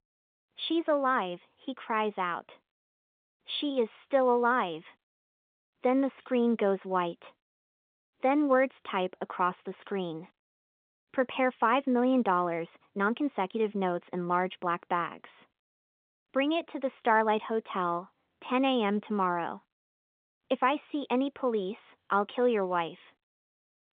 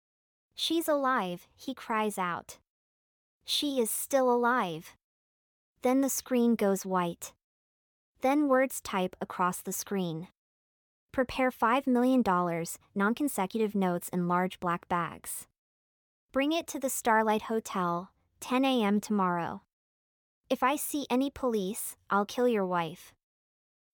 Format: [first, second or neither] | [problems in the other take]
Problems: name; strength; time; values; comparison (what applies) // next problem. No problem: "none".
second | phone-call audio; nothing above 3.5 kHz